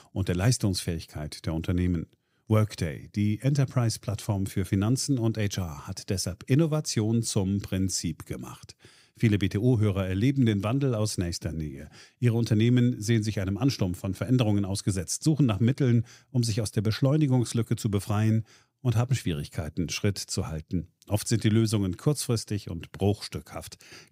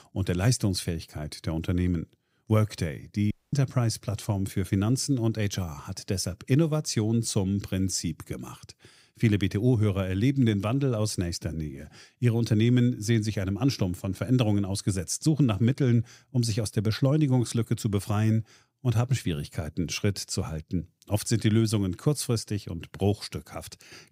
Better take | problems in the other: first | audio cutting out; at 3.5 s

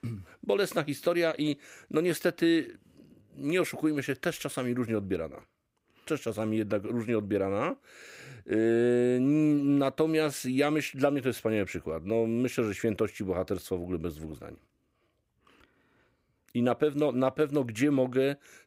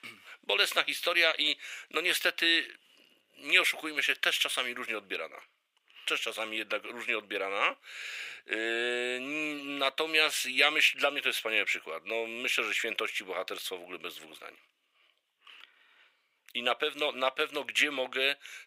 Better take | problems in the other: first | thin; very; fading below 850 Hz

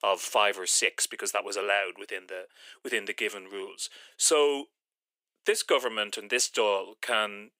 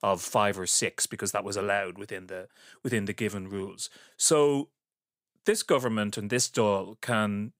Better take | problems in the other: second | thin; somewhat; fading below 350 Hz

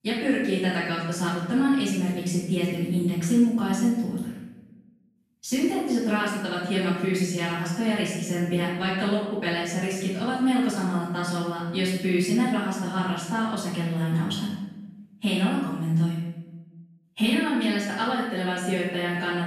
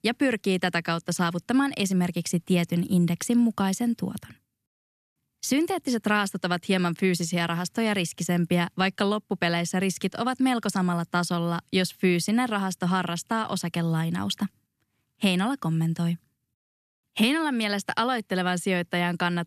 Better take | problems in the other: second | off-mic speech; far // room echo; strong; dies away in 0.8 s

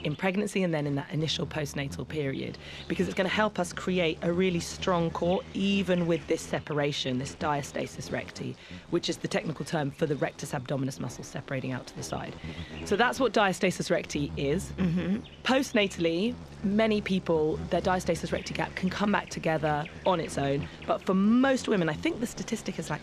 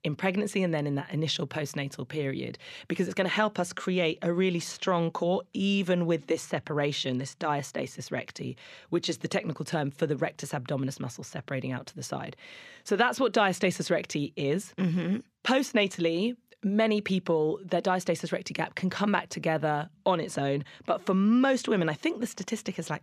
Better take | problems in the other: second | animal sounds; noticeable; throughout; 15 dB below the speech

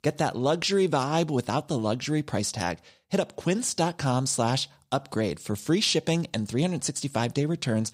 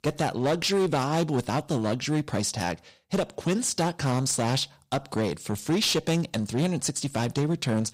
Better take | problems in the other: first | distortion; slight; 10% of the sound clipped

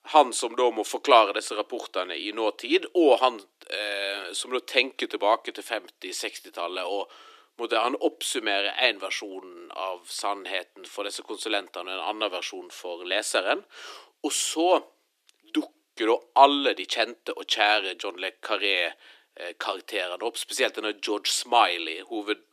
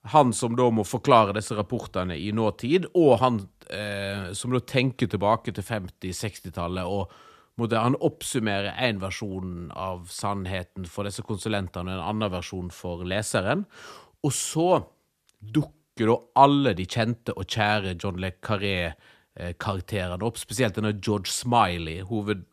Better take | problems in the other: second | thin; somewhat; fading below 300 Hz

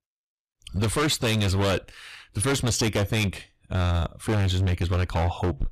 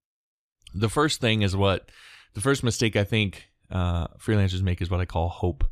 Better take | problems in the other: second | distortion; heavy; 22% of the sound clipped

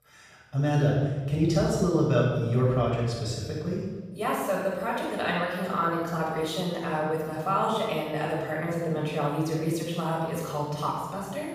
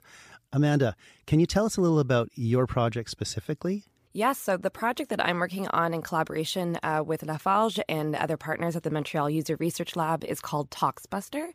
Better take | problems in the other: second | off-mic speech; far // room echo; strong; dies away in 1.3 s

